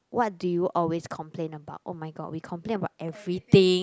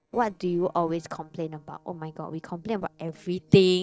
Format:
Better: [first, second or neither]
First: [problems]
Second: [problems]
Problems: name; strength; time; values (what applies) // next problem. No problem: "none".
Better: first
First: none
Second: noise reduction (neural separator model SepFormer DNS4)